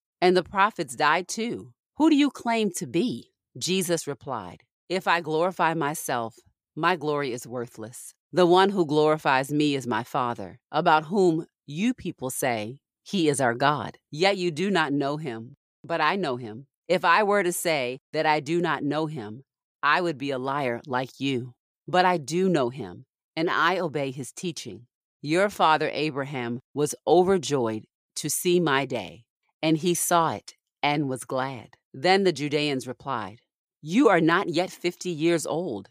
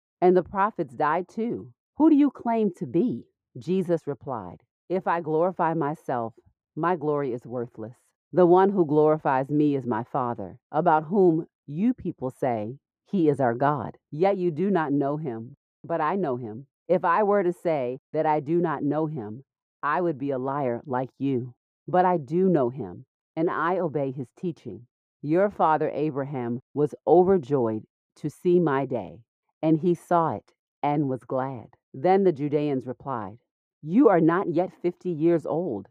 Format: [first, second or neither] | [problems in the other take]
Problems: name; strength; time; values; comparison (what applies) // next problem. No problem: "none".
first | muffled; very; fading above 2 kHz